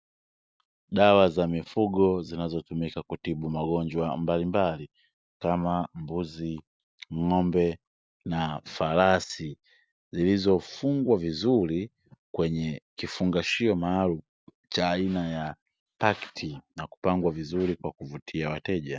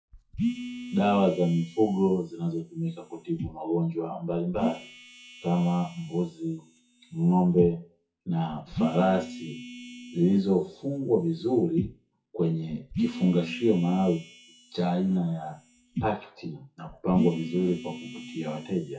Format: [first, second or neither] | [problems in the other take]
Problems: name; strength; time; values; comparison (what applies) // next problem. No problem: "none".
first | noise reduction (classical method WPE with log-MMSE)